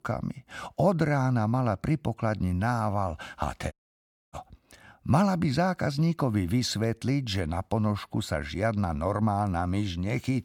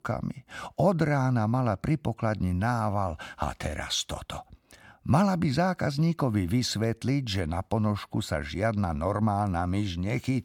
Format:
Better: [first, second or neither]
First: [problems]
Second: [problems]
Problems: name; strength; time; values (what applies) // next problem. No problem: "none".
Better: second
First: audio cutting out; at 3.5 s for 0.5 s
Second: none